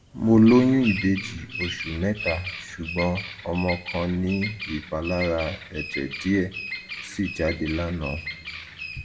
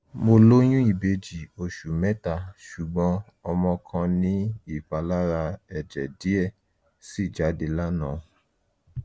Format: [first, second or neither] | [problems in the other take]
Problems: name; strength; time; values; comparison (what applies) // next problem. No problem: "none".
second | background sound (Bird vocalization, bird call, bird song); 10 dB below the speech // room echo; dies away in 1.3 s